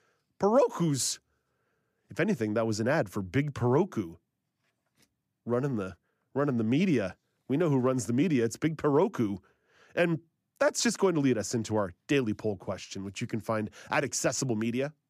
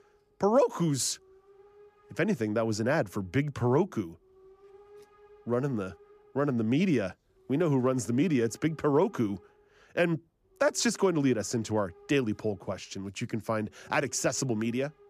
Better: first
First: none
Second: hiss; faint; throughout; 30 dB below the speech

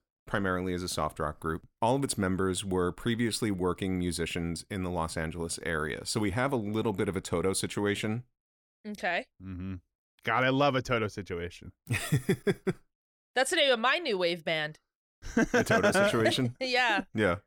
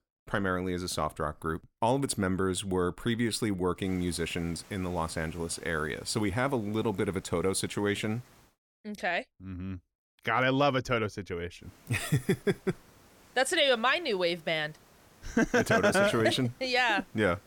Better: first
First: none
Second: hiss; faint; from 4 to 8.5 s and from 12 s on; 25 dB below the speech

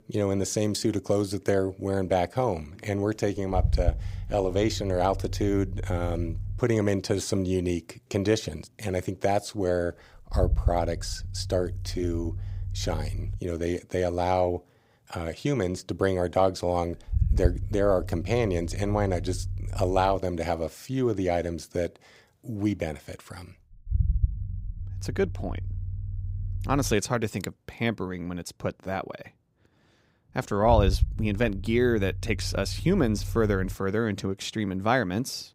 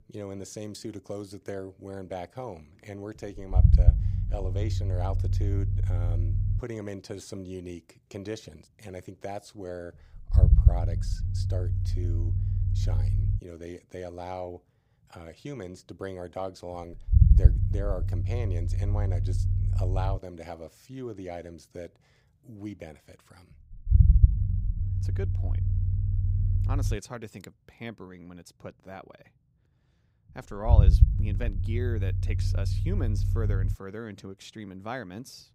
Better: first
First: low rumble; faint; throughout; 20 dB below the speech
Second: low rumble; loud; throughout; 3 dB below the speech

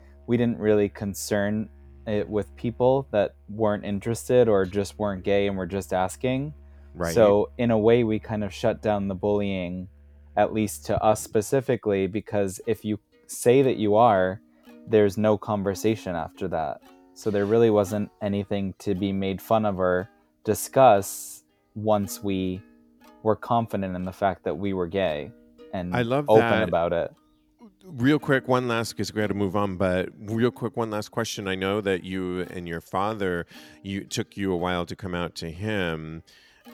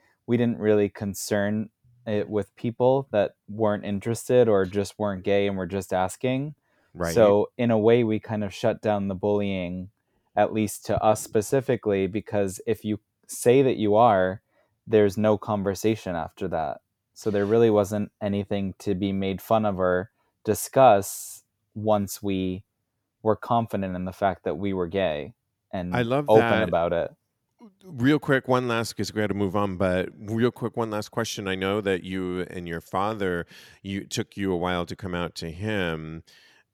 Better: second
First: background music; faint; throughout; 25 dB below the speech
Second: none

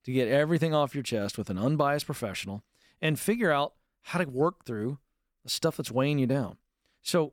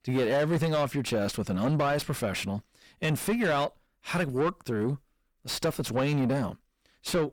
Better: first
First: none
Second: distortion; heavy; 6 dB below the speech

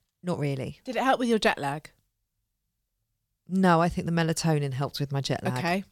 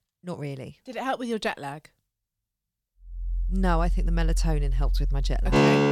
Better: first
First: none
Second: background music; very loud; from 3.5 s on; 5 dB above the speech

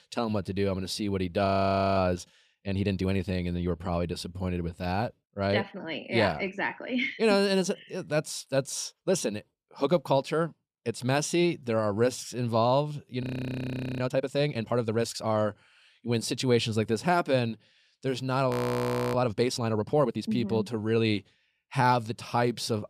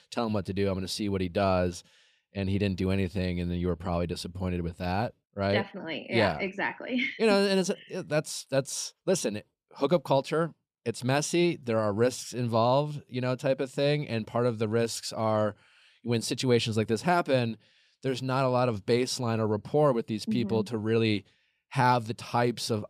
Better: second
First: audio freezing; at 1.5 s for 0.5 s, at 13 s for 1 s and at 19 s for 0.5 s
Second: none

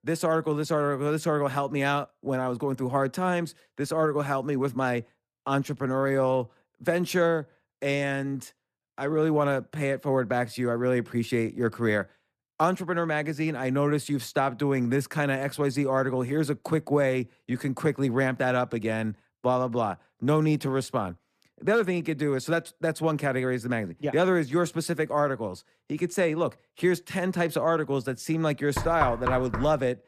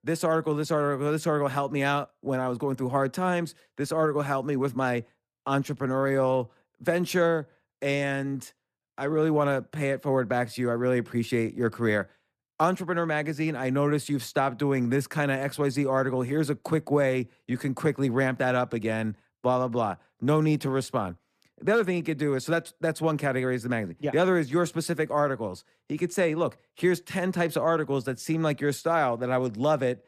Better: second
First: door banging; noticeable; at 29 s; peak 2 dB below the speech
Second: none

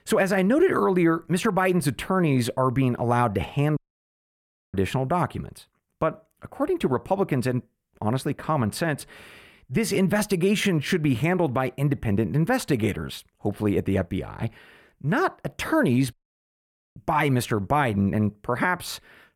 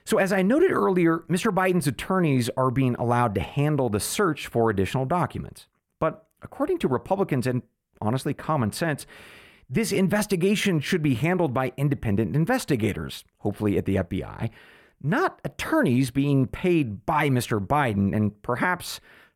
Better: second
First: audio cutting out; at 4 s for 1 s and at 16 s for 1 s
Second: none

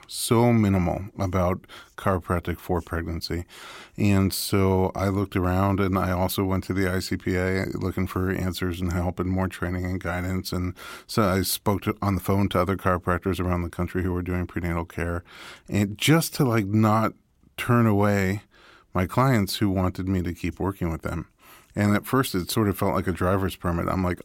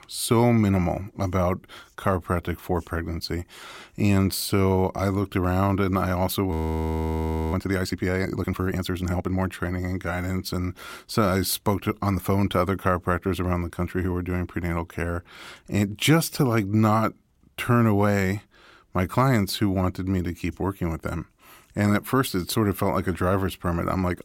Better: first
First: none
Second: audio freezing; at 6.5 s for 1 s

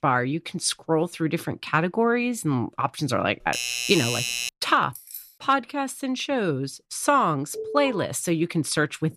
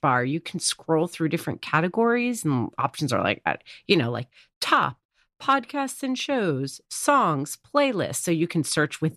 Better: second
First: doorbell; noticeable; from 3.5 to 4.5 s; peak level with the speech // jangling keys; faint; at 5 s; peak 15 dB below the speech // alarm; noticeable; at 7.5 s; peak 8 dB below the speech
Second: none

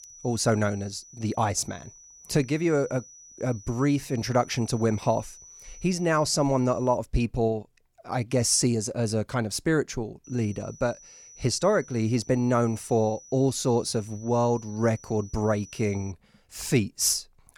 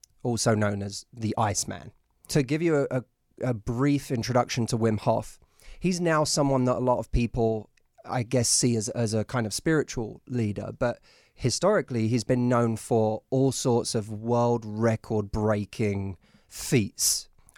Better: second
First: high-pitched whine; faint; until 7 s and from 10 to 16 s; 6 kHz, 20 dB below the speech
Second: none

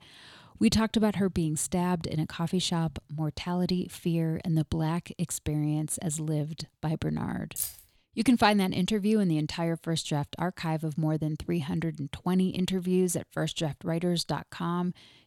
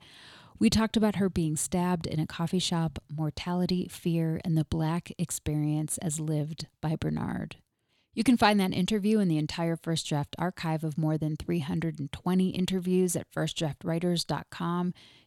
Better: second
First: jangling keys; noticeable; at 7.5 s; peak 4 dB below the speech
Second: none

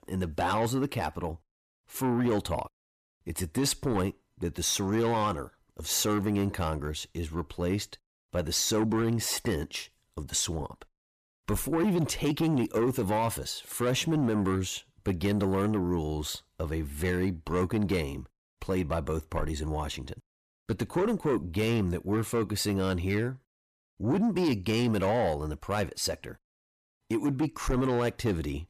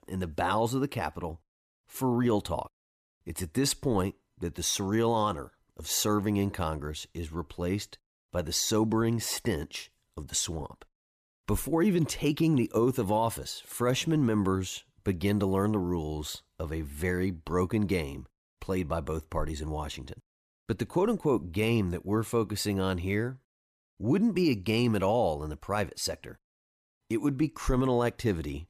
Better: second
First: distortion; slight; 10 dB below the speech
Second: none

